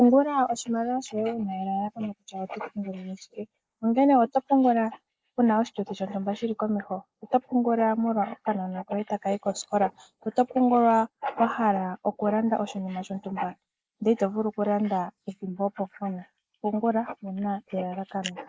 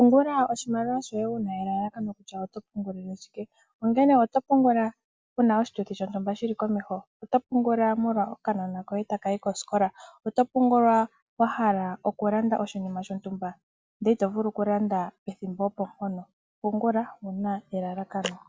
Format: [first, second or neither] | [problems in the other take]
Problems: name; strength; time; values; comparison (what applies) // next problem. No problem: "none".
second | noise reduction (neural mask model Resemble Enhance denoiser)